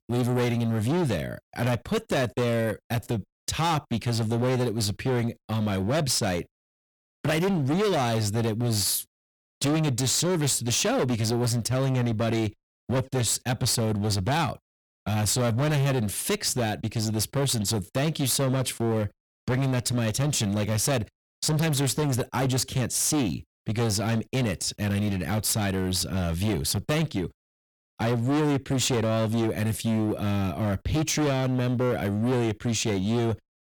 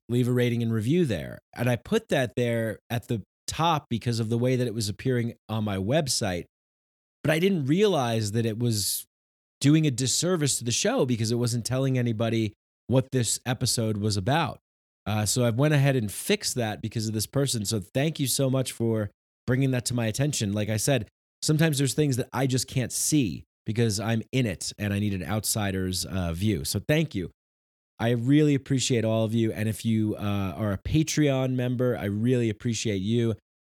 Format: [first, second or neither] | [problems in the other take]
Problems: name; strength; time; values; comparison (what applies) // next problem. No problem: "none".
second | distortion; heavy; 22% of the sound clipped